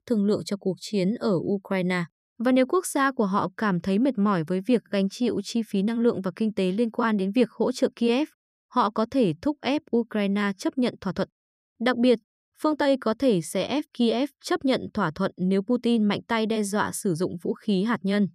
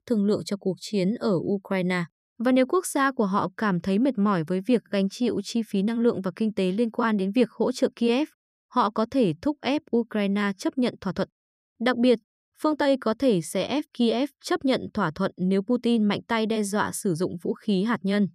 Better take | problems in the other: neither | none

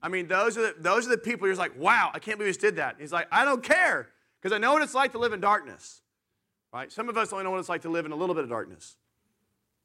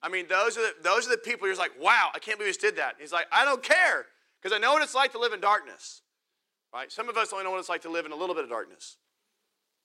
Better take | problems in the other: first | thin; somewhat; fading below 500 Hz

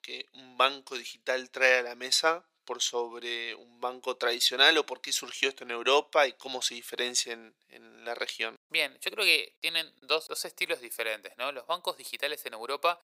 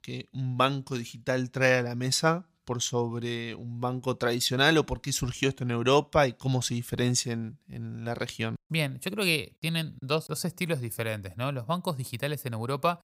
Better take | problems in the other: second | thin; very; fading below 400 Hz

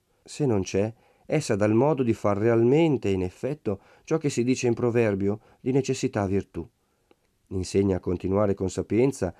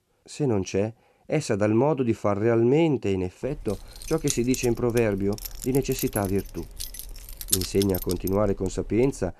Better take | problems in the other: first | jangling keys; noticeable; from 3.5 s on; peak level with the speech

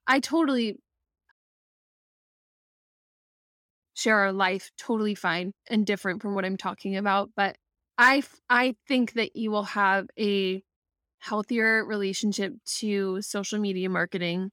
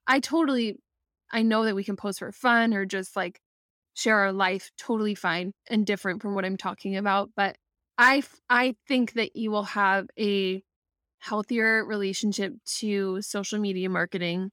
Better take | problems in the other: second | audio cutting out; at 1.5 s for 2.5 s

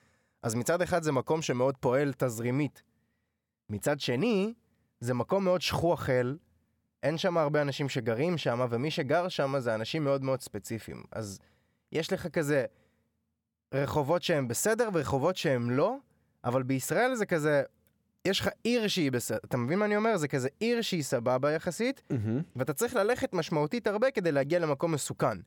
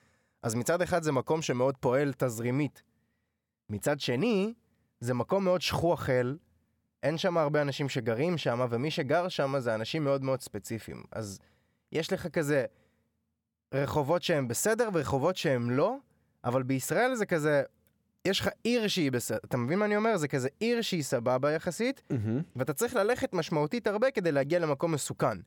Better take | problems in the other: neither | none

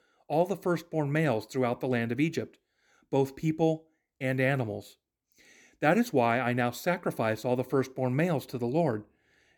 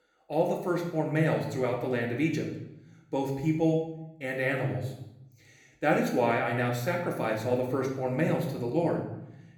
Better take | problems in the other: first | room echo; noticeable; dies away in 0.7 s // off-mic speech; somewhat distant

